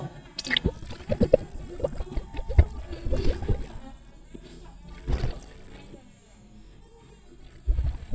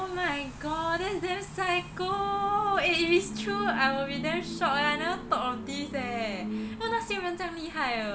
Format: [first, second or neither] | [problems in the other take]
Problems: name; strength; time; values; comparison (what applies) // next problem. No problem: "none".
second | noise reduction (neural mask model DeepFilterNet 3)